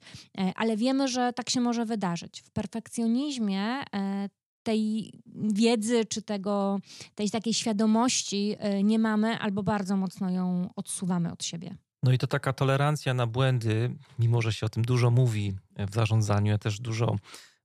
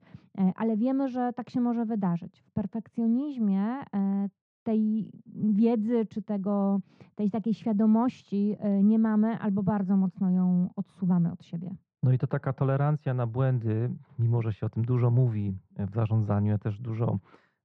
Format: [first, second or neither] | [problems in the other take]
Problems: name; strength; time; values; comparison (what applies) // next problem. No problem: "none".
first | muffled; very; fading above 1 kHz